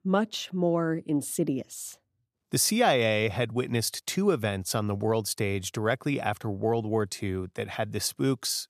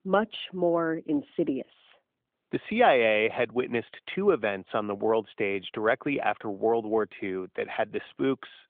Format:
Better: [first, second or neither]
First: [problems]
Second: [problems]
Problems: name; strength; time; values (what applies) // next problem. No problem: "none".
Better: first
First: none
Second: phone-call audio; nothing above 3.5 kHz